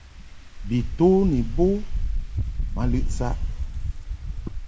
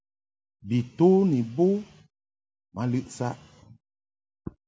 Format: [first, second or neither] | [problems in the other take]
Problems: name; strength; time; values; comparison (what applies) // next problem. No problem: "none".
second | background sound (Wind); 1 dB below the speech